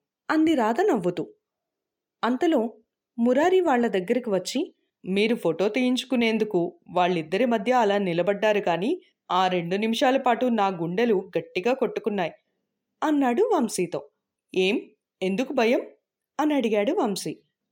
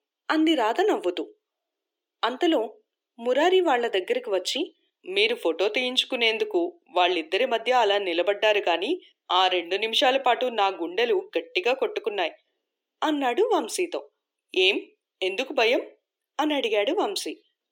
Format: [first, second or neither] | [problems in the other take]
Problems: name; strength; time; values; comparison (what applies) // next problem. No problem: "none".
first | thin; somewhat; fading below 300 Hz